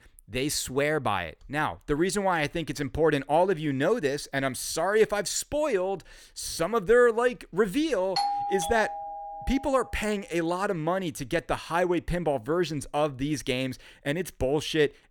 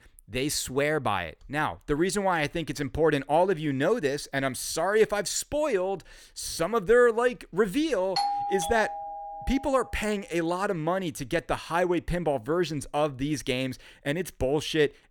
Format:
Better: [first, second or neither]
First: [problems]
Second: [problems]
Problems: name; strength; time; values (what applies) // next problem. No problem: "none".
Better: neither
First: doorbell; noticeable; from 8 to 9.5 s; peak 1 dB below the speech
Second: doorbell; noticeable; from 8 to 9.5 s; peak 1 dB below the speech